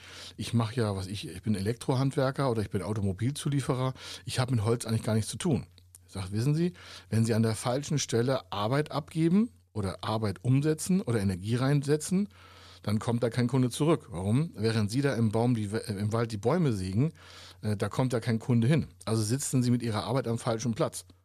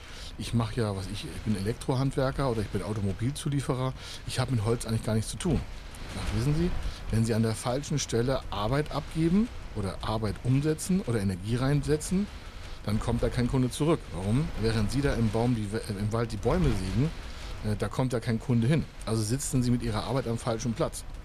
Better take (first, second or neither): first